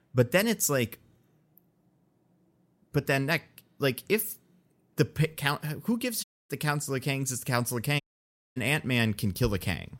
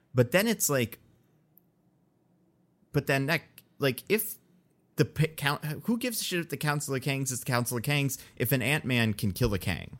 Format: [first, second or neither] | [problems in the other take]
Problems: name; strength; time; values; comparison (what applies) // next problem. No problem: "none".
second | audio cutting out; at 6 s and at 8 s for 0.5 s